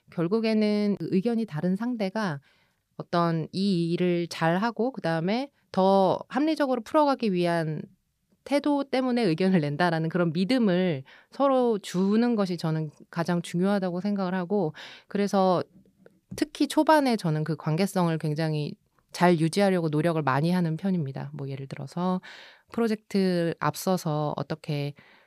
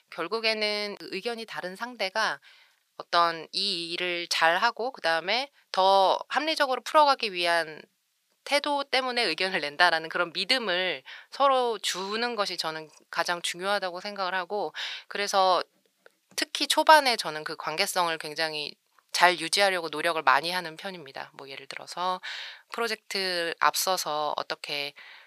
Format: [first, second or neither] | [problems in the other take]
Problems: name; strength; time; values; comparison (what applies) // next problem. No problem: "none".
first | thin; very; fading below 850 Hz